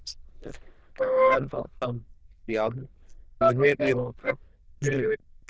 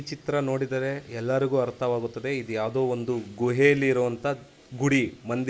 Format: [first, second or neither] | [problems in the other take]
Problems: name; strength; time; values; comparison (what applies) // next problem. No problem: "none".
second | noise reduction (neural diffusion model UNIVERSE++)